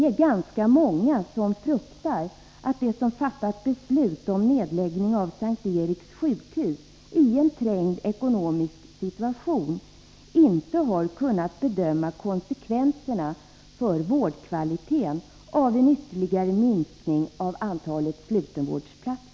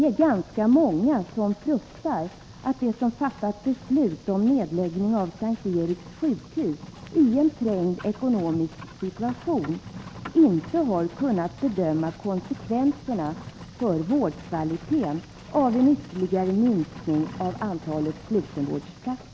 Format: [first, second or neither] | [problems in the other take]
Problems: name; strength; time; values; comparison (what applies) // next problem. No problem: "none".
first | background sound (Livestock, farm animals, working animals); 17 dB below the speech